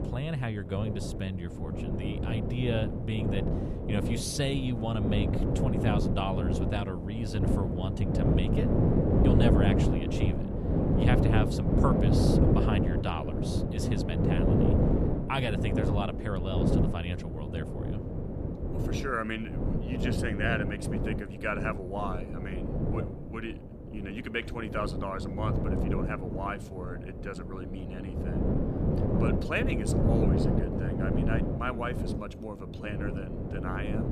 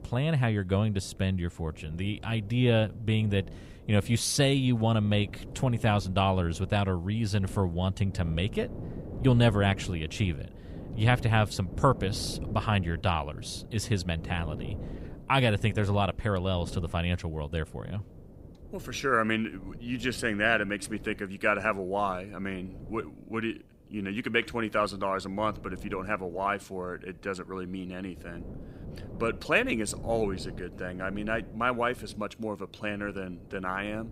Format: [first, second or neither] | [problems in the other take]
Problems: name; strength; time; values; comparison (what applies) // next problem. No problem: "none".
second | wind noise on the microphone; heavy; 1 dB above the speech; occasional gusts in the second